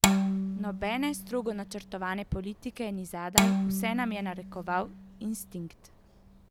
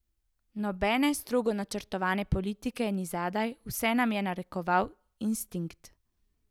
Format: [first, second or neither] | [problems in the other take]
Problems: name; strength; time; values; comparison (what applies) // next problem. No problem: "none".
second | background sound (Bowed string instrument); 3 dB above the speech